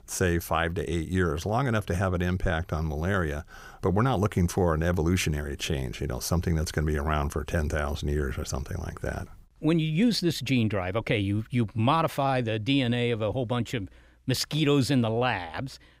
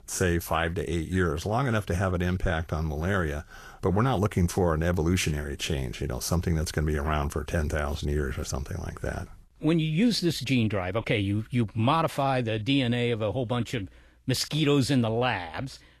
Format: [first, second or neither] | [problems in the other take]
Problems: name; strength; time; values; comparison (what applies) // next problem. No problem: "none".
first | garbled, watery; slightly; nothing above 13 kHz